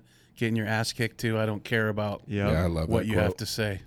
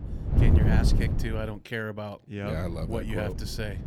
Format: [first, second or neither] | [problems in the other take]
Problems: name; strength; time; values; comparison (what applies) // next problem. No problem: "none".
first | wind noise on the microphone; heavy; until 1.5 s and from 2.5 s on; 3 dB below the speech